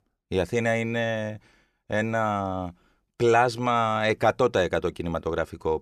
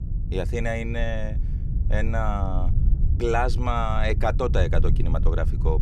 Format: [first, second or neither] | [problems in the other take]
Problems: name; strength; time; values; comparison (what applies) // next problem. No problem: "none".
first | low rumble; noticeable; throughout; 15 dB below the speech